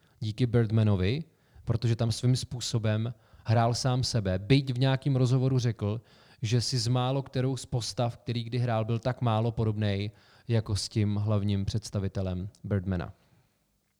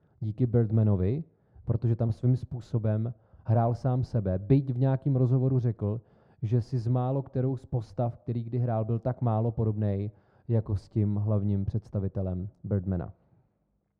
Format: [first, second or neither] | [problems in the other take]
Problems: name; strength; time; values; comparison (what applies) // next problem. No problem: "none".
first | muffled; very; fading above 2 kHz